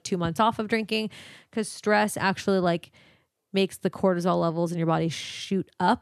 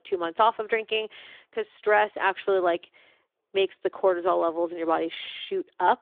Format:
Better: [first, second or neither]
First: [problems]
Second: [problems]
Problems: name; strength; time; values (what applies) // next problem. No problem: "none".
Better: first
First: none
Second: phone-call audio; nothing above 3.5 kHz